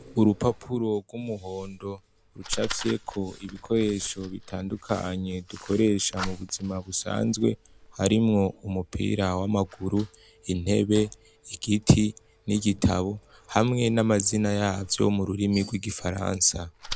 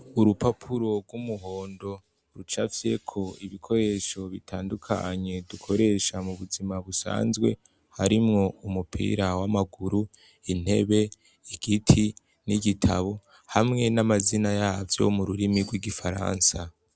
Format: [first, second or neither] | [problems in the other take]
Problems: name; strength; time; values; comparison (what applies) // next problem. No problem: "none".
second | background sound (Fire); 17 dB below the speech